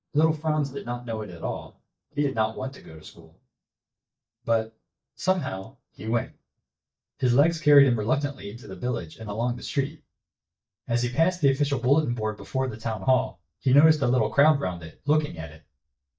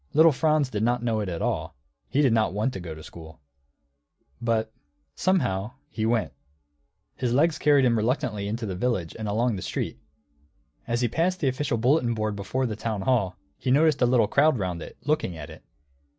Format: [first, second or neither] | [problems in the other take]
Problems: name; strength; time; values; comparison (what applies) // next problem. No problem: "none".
second | noise reduction (neural mask model DeepFilterNet 3)